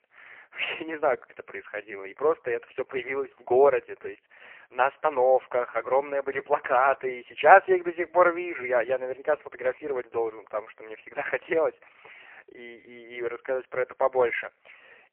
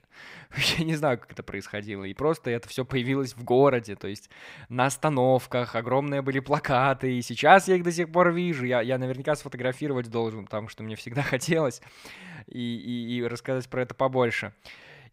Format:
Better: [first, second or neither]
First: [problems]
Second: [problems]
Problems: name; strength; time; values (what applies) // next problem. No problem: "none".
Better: second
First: phone-call audio; poor line; nothing above 3 kHz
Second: none